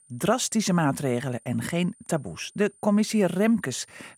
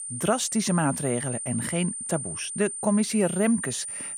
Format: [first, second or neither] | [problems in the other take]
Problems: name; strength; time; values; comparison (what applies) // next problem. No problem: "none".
first | high-pitched whine; loud; throughout; 9 kHz, 5 dB below the speech; faint in the first